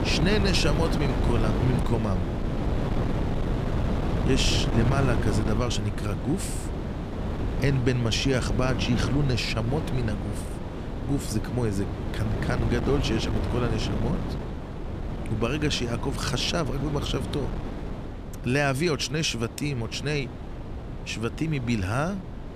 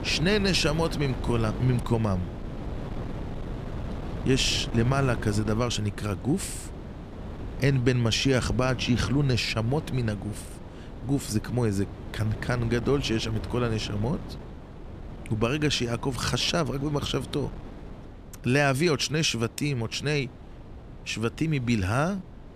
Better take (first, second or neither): second